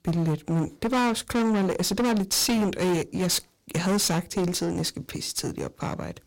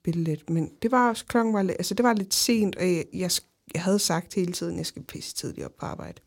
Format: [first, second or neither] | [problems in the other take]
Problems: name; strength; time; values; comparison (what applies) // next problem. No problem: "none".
second | distortion; heavy; 21% of the sound clipped